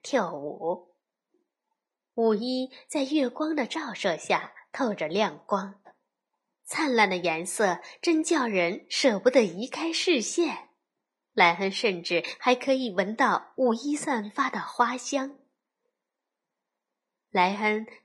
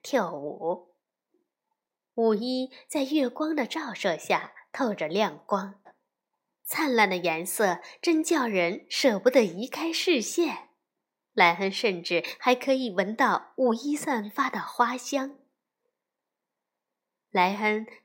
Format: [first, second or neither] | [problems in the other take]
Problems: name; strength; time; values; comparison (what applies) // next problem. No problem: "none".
second | garbled, watery; slightly; nothing above 10.5 kHz